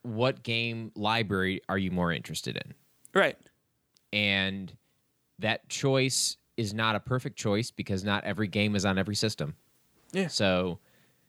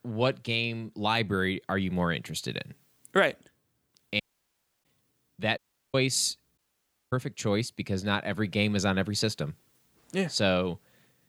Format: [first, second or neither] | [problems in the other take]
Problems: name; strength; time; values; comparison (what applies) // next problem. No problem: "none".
first | audio cutting out; at 4 s for 0.5 s, at 5.5 s and at 6.5 s for 0.5 s